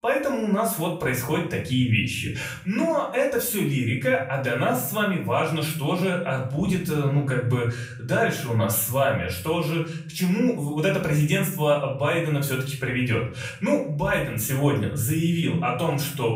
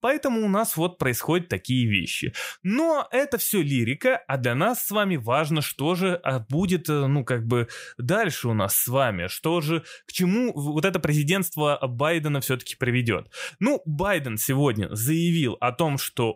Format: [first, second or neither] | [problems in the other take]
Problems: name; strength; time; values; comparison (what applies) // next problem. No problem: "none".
second | off-mic speech; far // room echo; noticeable; dies away in 0.6 s